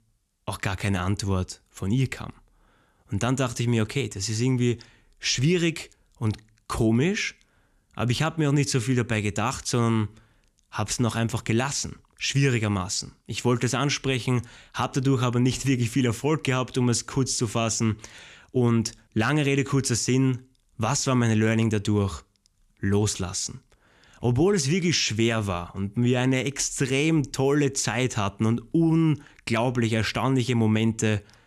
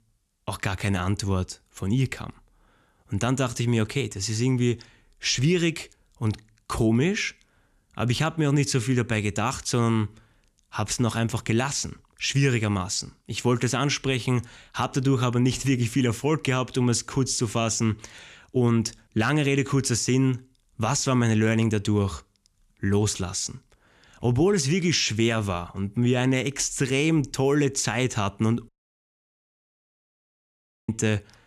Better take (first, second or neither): first